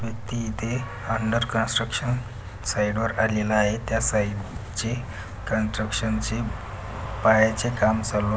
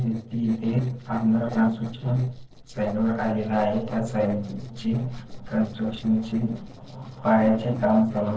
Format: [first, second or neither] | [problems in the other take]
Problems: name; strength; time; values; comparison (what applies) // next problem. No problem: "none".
first | noise reduction (neural separator model SepFormer DNS4)